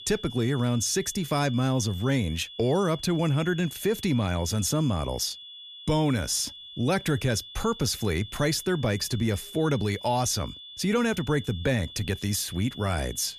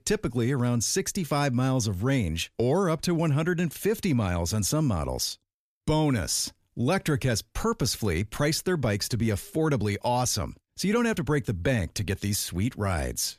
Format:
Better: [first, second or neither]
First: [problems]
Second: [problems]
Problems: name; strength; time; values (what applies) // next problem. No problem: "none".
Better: second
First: high-pitched whine; noticeable; throughout; 3.5 kHz, 15 dB below the speech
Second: none